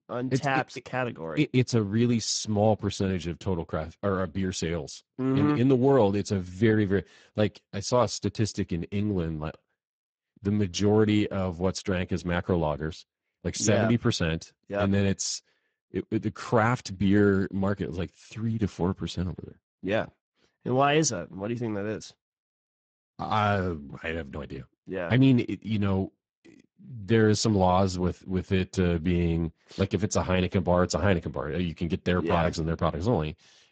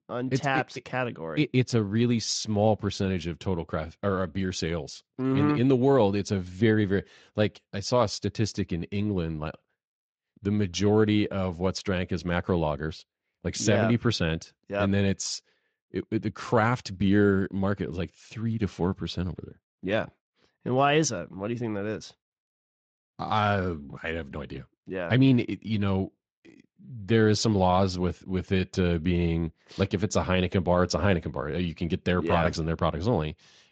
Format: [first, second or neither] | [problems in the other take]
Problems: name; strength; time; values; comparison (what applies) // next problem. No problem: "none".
second | garbled, watery; badly; nothing above 7.5 kHz; slightly in the second